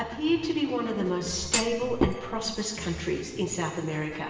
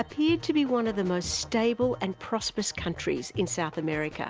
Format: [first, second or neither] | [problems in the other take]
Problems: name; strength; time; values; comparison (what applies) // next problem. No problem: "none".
second | background sound (Thump, thud); 1 dB below the speech // room echo; dies away in 1.4 s